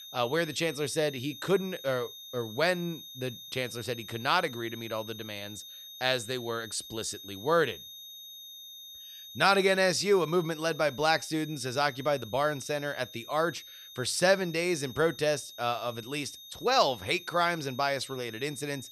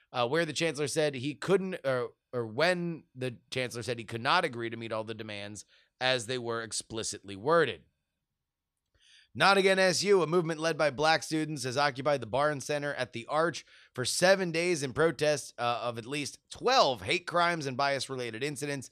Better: second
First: high-pitched whine; noticeable; throughout; 3.5 kHz, 15 dB below the speech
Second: none

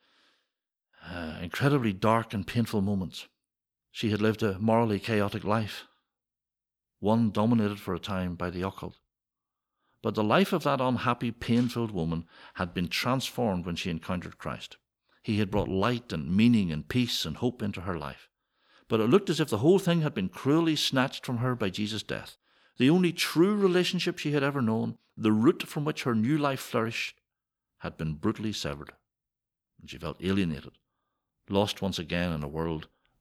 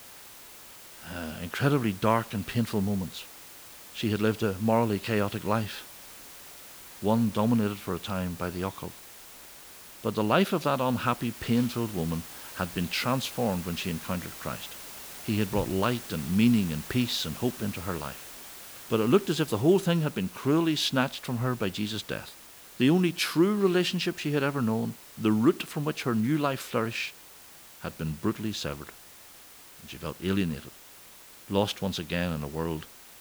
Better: first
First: none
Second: hiss; noticeable; throughout; 15 dB below the speech

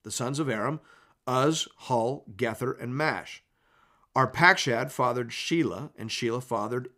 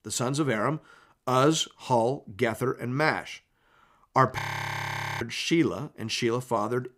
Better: first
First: none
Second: audio freezing; at 4.5 s for 1 s

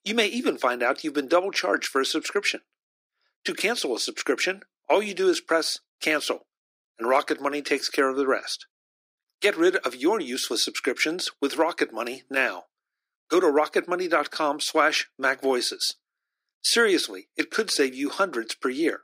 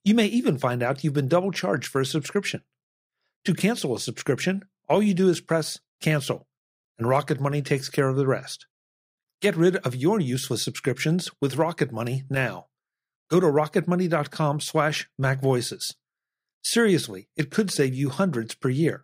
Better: second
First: thin; somewhat; fading below 300 Hz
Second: none

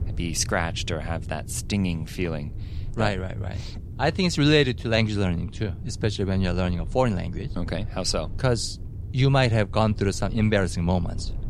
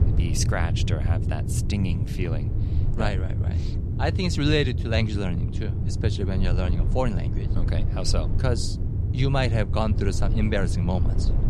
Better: first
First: low rumble; faint; throughout; 20 dB below the speech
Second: low rumble; loud; throughout; 9 dB below the speech

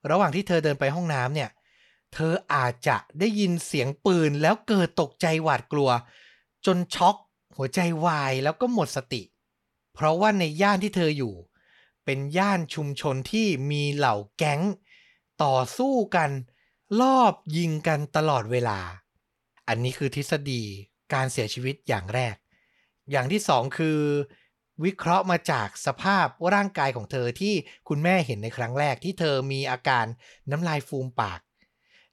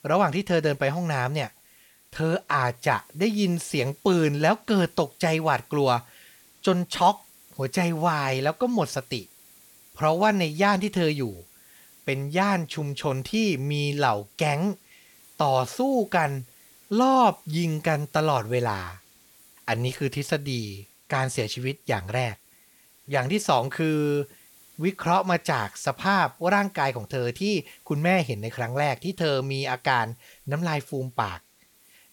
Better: first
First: none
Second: hiss; faint; throughout; 25 dB below the speech

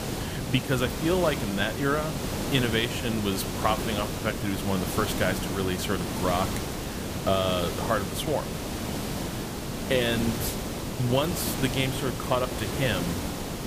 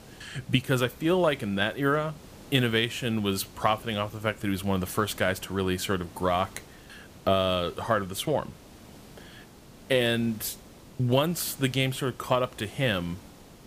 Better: second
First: hiss; loud; throughout; 3 dB below the speech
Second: hiss; faint; throughout; 20 dB below the speech

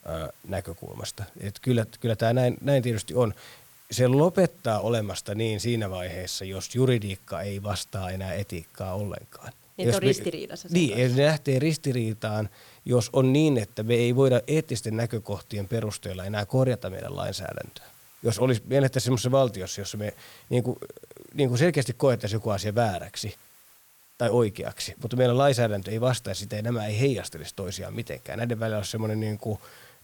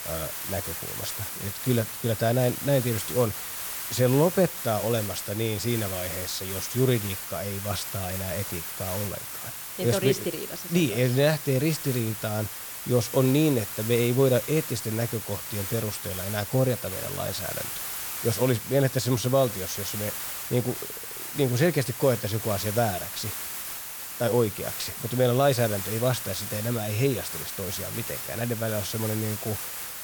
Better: first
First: hiss; faint; throughout; 25 dB below the speech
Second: hiss; loud; throughout; 5 dB below the speech

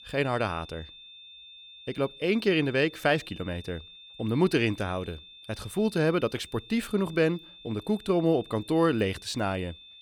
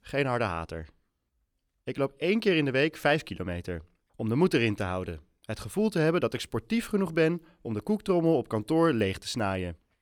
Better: second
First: high-pitched whine; noticeable; throughout; 3.5 kHz, 20 dB below the speech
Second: none

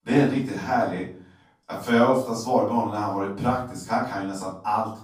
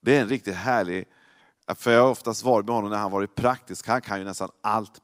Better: second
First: off-mic speech; far // room echo; noticeable; dies away in 0.5 s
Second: none

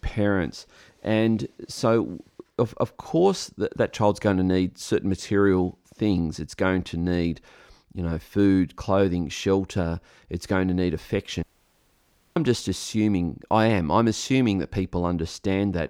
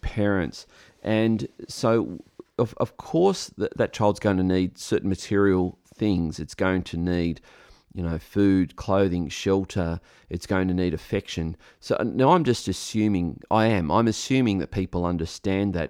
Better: second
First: audio cutting out; at 11 s for 1 s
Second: none

